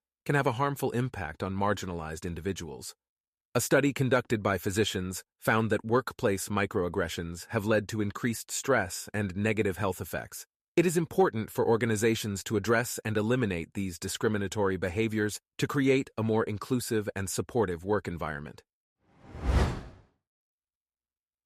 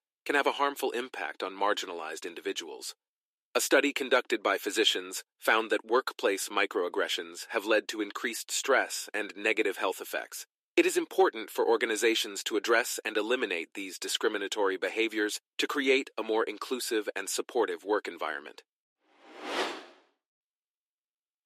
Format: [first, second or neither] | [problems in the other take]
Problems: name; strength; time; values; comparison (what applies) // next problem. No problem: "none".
first | thin; somewhat; fading below 300 Hz